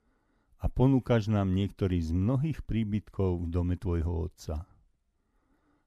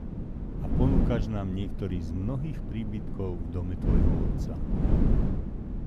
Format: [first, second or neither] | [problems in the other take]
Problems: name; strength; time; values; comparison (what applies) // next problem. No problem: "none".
first | wind noise on the microphone; heavy; as loud as the speech